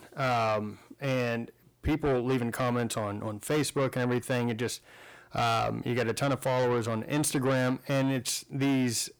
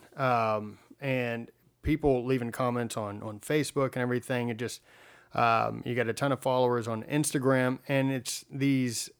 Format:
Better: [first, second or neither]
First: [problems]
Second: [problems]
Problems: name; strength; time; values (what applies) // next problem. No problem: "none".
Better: second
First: distortion; heavy; 8 dB below the speech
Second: none